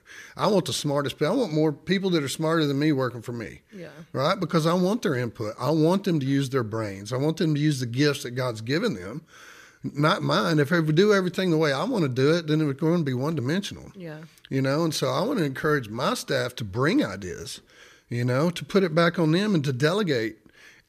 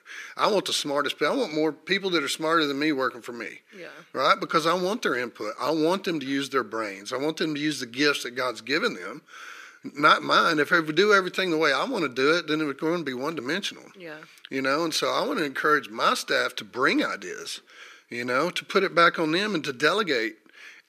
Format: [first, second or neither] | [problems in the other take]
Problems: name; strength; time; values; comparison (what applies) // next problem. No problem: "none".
first | thin; somewhat; fading below 250 Hz